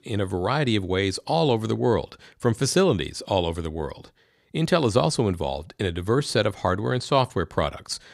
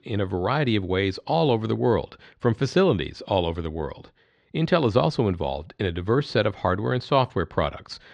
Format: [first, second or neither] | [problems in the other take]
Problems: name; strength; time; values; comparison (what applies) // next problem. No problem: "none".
first | muffled; very slightly; fading above 4 kHz